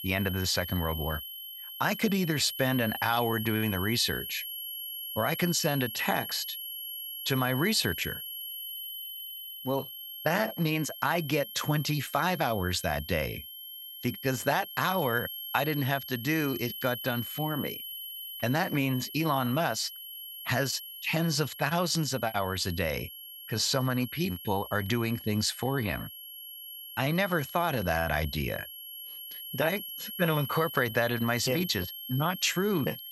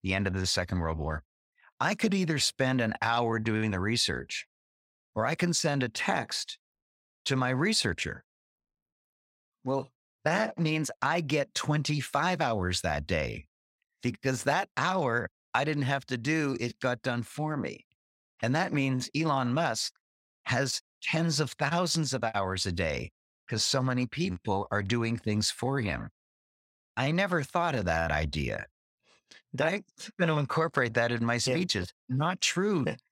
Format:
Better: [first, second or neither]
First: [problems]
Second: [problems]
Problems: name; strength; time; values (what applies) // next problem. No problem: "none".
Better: second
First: high-pitched whine; loud; throughout; 3 kHz, 9 dB below the speech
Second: none